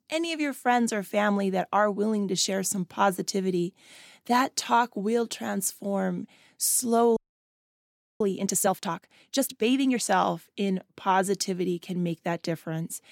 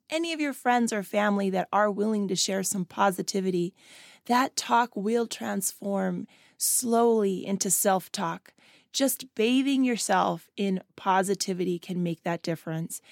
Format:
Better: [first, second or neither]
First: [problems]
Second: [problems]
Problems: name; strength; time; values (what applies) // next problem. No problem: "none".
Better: second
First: audio freezing; at 7 s for 1 s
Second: none